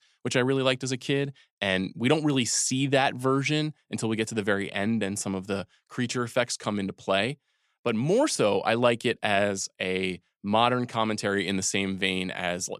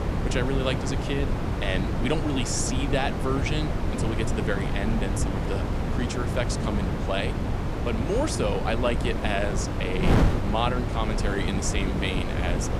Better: first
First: none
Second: wind noise on the microphone; heavy; 3 dB below the speech

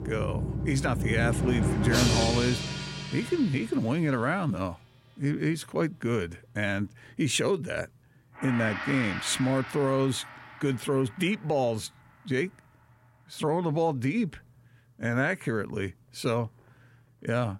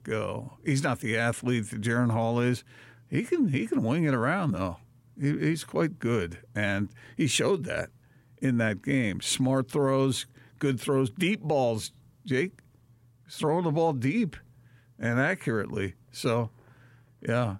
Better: second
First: background music; loud; throughout; 2 dB below the speech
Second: none

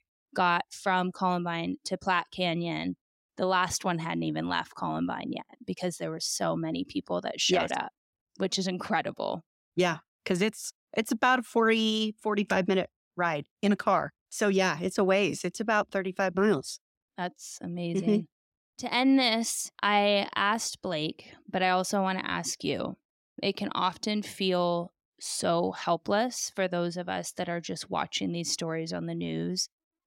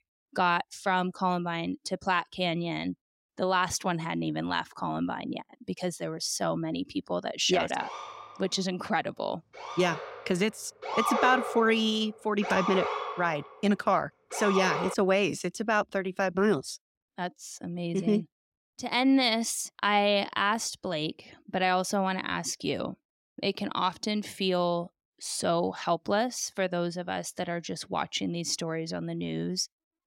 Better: first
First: none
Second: siren; loud; from 8 to 15 s; peak 2 dB above the speech

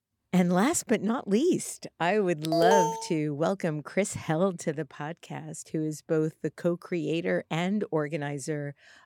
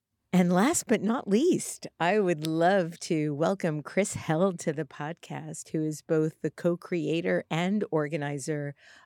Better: second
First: alarm; loud; at 2.5 s; peak 4 dB above the speech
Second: none

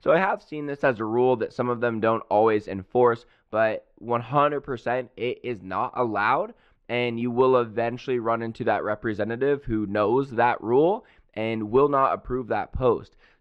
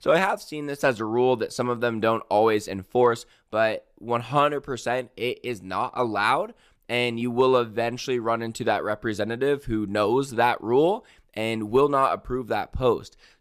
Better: second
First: muffled; slightly; fading above 2.5 kHz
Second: none

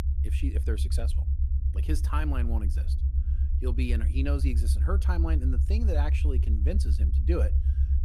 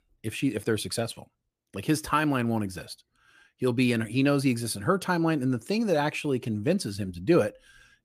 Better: second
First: low rumble; loud; throughout; 7 dB below the speech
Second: none

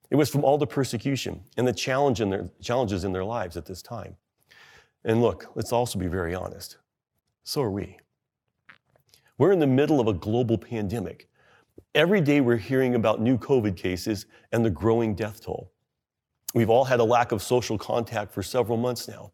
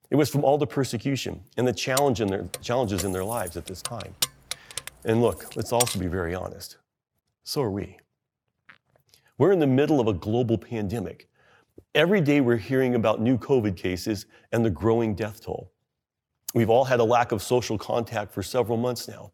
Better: first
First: none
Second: jangling keys; noticeable; from 2 to 6 s; peak 2 dB below the speech

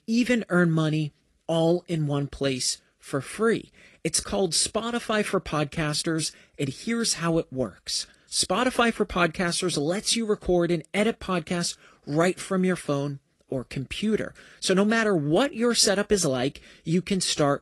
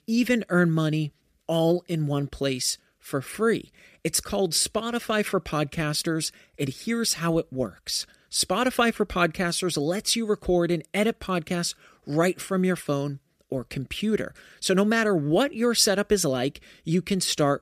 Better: second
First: garbled, watery; slightly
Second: none

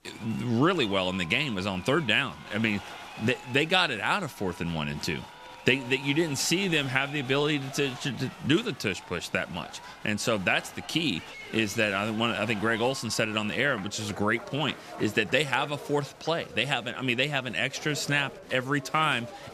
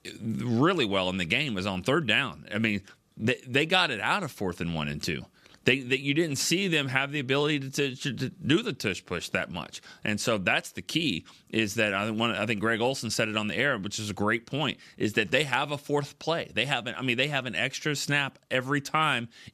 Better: second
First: crowd noise; noticeable; throughout; 15 dB below the speech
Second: none

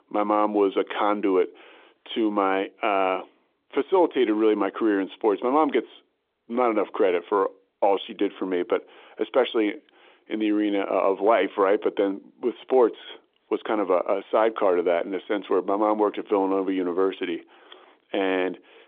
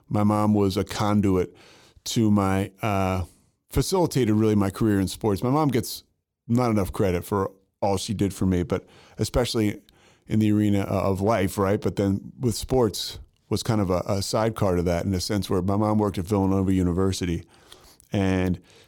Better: second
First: phone-call audio; nothing above 3.5 kHz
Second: none

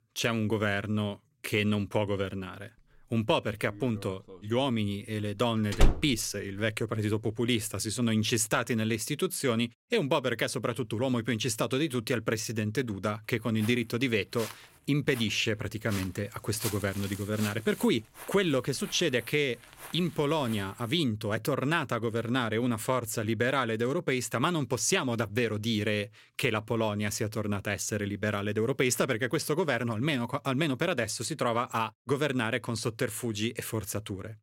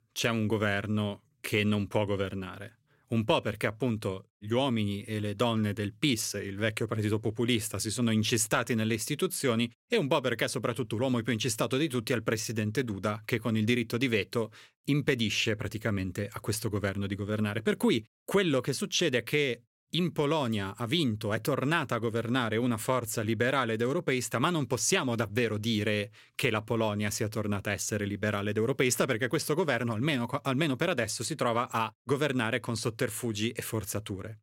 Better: second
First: door banging; loud; at 6 s; peak 1 dB above the speech // footsteps; noticeable; from 14 to 21 s; peak 7 dB below the speech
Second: none

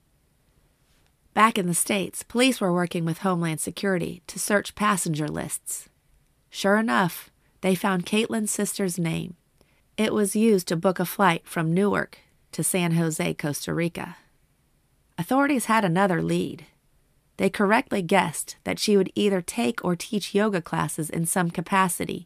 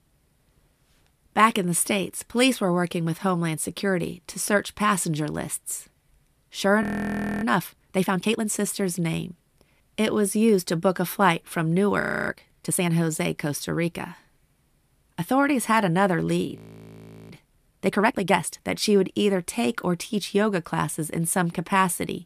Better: first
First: none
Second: audio freezing; at 7 s for 0.5 s, at 12 s and at 17 s for 0.5 s

